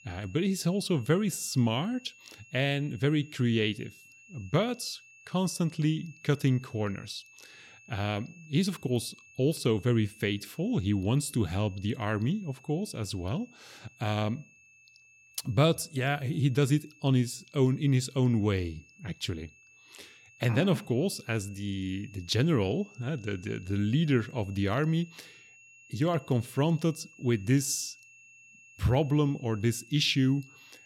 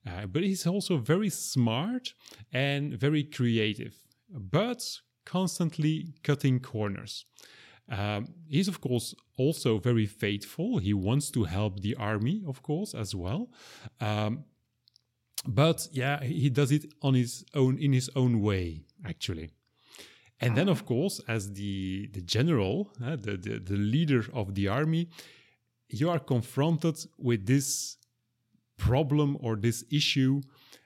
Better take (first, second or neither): second